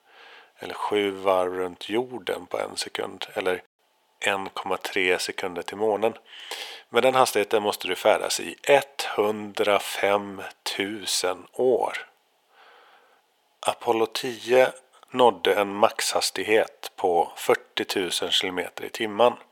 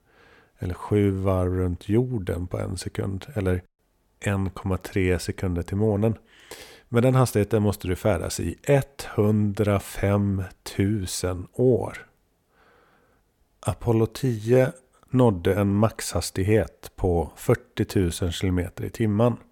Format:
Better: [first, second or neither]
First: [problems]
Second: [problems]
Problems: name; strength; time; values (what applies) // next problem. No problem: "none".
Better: second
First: thin; very; fading below 500 Hz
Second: none